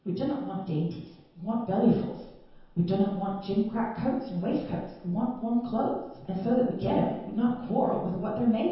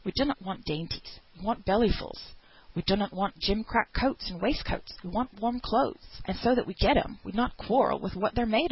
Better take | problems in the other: second | room echo; dies away in 0.9 s

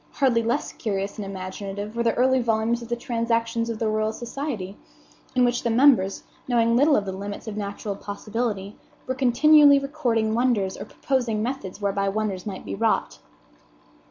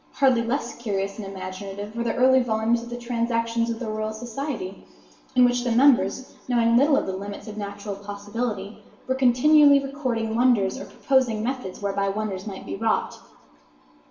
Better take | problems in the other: first | room echo; dies away in 0.8 s

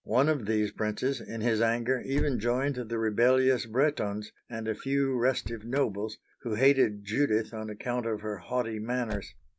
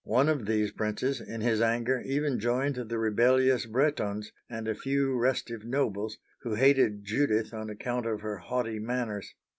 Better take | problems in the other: second | background sound (Motor vehicle (road)); 15 dB below the speech

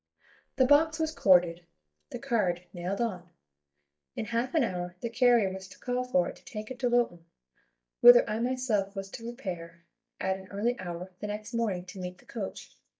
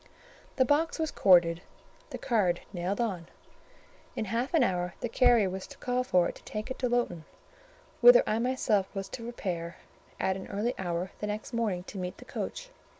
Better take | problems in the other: second | noise reduction (neural mask model DeepFilterNet 3)

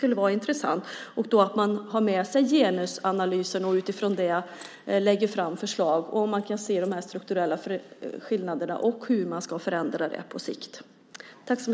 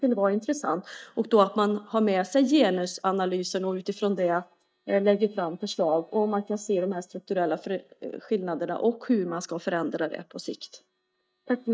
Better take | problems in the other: first | noise reduction (neural mask model DeepFilterNet 3)

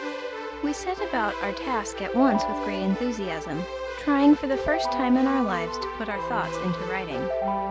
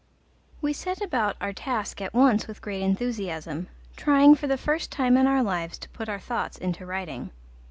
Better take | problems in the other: second | background sound (Keyboard (musical)); 4 dB below the speech

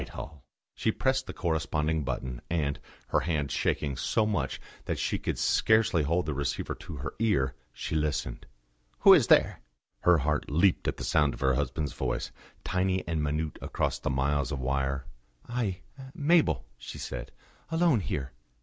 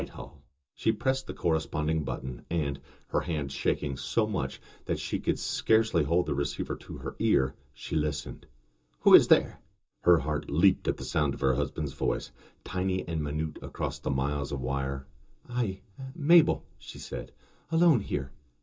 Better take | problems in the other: first | room echo; dies away in 0.2 s

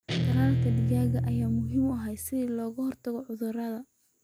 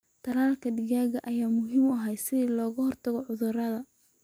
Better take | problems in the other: second | background sound (Guitar); 2 dB above the speech

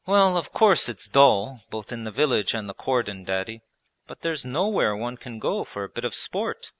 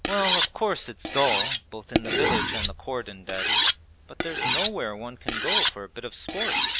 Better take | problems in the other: first | background sound (Cutlery, silverware); 4 dB above the speech

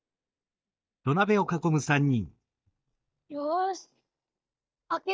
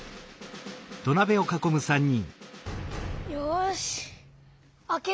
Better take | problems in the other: second | noise reduction (neural mask model DeepFilterNet 3)

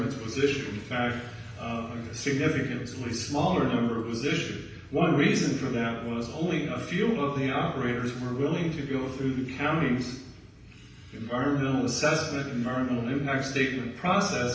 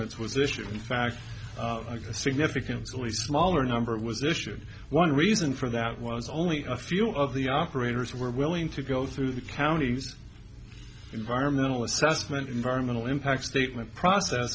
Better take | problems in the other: second | room echo; dies away in 0.9 s

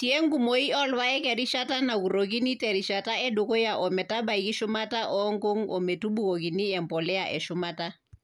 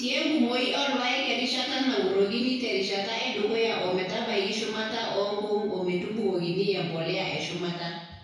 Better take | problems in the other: first | room echo; dies away in 1 s

